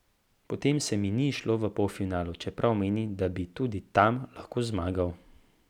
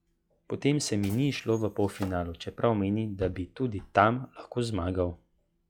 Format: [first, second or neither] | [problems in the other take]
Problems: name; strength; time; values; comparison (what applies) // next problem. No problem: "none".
first | noise reduction (classical method log-MMSE)